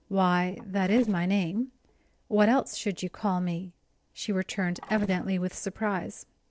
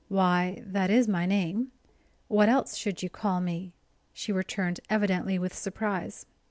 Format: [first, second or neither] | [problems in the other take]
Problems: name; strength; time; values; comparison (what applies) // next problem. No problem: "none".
second | noise reduction (neural separator model SepFormer DNS4)